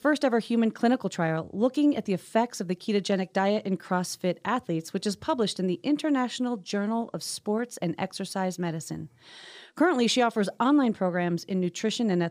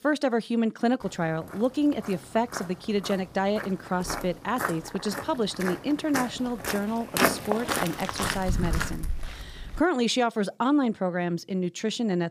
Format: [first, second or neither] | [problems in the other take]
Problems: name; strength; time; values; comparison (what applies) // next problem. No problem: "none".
first | footsteps; loud; from 2.5 to 10 s; peak 4 dB above the speech